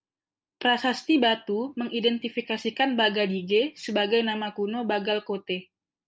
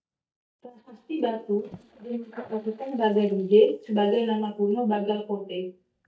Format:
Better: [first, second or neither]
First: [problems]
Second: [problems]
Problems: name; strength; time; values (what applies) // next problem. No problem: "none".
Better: first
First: none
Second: noise reduction (neural mask model DeepFilterNet 3)